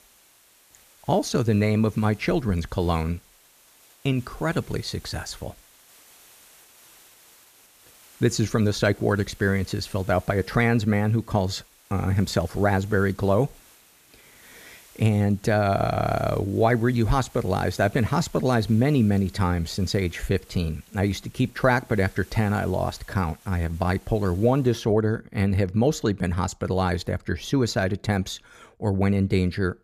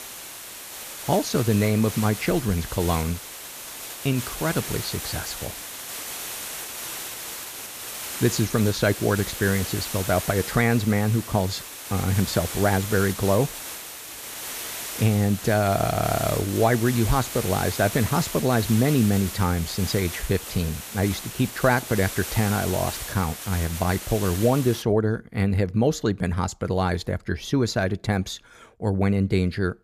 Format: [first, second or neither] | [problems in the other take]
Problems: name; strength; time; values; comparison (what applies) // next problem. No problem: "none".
first | hiss; loud; until 25 s; 8 dB below the speech; faint in the first